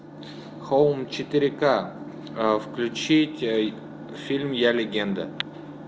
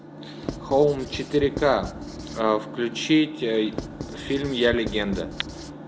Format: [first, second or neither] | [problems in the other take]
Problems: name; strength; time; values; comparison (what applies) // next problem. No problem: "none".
first | background sound (Writing); 12 dB below the speech